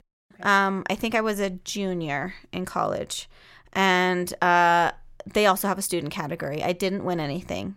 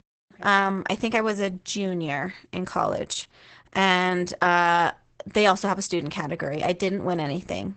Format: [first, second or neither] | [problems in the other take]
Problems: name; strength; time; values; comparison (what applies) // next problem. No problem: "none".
first | garbled, watery; badly; nothing above 8 kHz